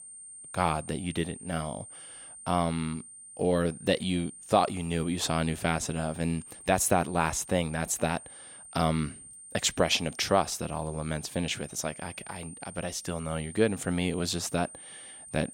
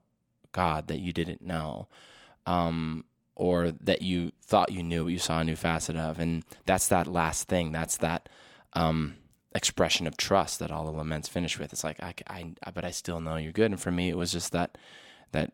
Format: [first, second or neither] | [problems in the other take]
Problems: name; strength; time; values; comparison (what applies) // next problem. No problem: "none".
second | high-pitched whine; noticeable; throughout; 9 kHz, 15 dB below the speech